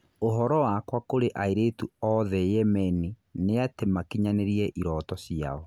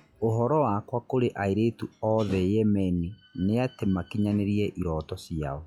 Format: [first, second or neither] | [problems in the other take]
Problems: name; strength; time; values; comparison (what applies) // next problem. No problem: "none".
first | noise reduction (classical method log-MMSE)